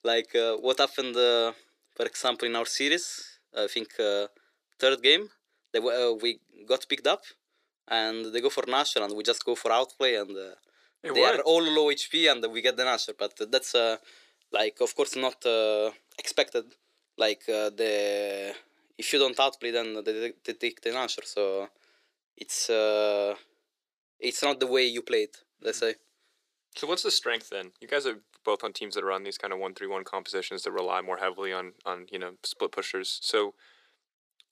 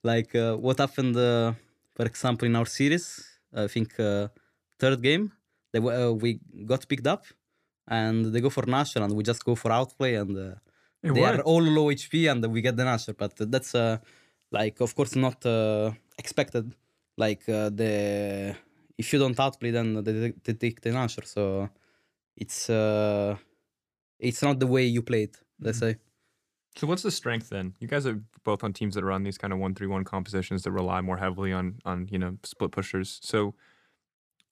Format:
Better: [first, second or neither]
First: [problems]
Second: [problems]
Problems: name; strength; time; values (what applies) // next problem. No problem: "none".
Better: second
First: thin; very; fading below 400 Hz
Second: none